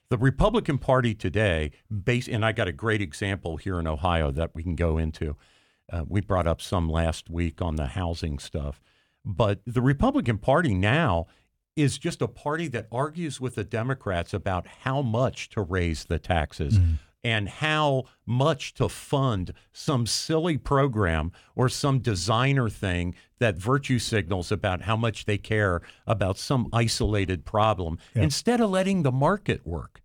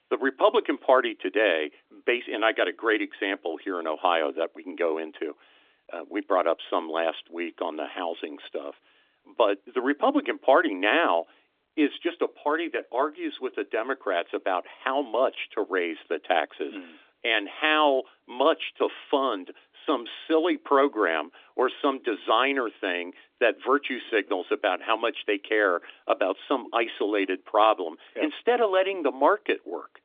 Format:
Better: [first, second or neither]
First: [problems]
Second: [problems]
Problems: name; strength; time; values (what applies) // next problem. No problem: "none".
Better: first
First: none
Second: phone-call audio; nothing above 3.5 kHz